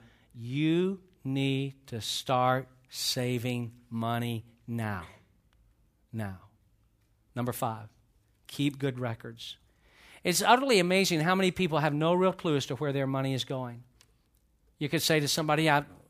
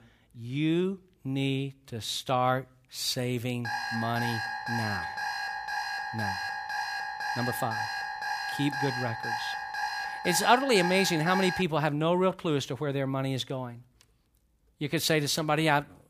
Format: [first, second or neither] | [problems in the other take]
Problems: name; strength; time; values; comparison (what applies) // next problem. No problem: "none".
first | alarm; noticeable; from 3.5 to 12 s; peak 3 dB below the speech